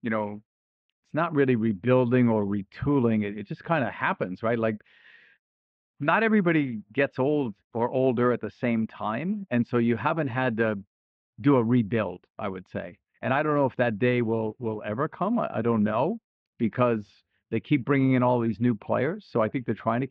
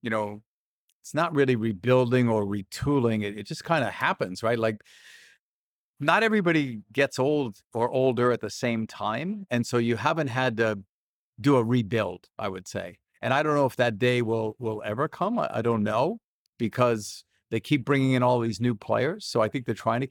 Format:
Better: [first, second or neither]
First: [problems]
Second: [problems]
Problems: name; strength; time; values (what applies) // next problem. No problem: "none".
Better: second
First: muffled; very; fading above 3 kHz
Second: none